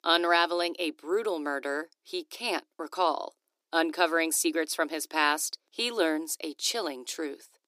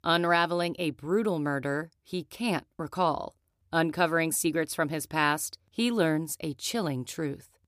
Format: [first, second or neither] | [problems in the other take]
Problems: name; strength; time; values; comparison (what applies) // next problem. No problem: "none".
second | thin; somewhat; fading below 300 Hz